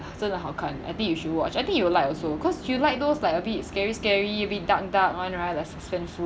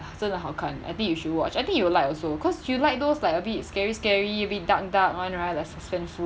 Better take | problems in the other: second | background sound (Chatter / Traffic noise, roadway noise / Train); 15 dB below the speech

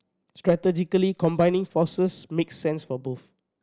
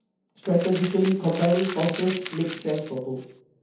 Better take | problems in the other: first | background sound (Crumpling, crinkling); 14 dB below the speech // room echo; dies away in 0.6 s

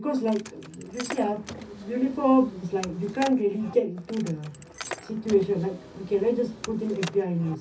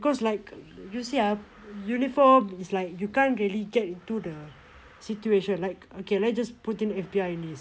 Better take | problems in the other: second | background sound (Car); 15 dB below the speech // room echo; dies away in 0.3 s

